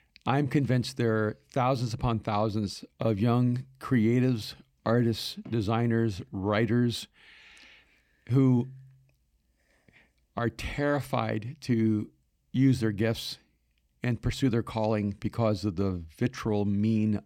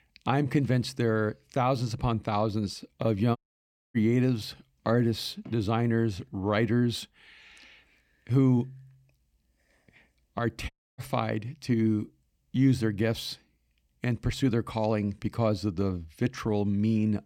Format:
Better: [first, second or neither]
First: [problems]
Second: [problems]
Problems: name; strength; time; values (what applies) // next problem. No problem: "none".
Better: first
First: none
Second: audio cutting out; at 3.5 s for 0.5 s and at 11 s